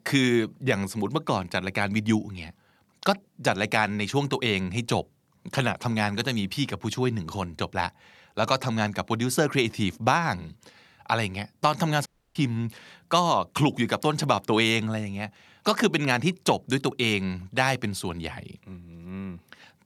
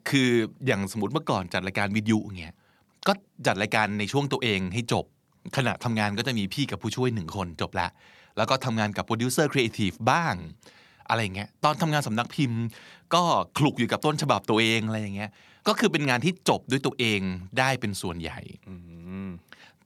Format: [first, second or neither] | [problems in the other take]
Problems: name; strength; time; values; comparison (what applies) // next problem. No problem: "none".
second | audio cutting out; at 12 s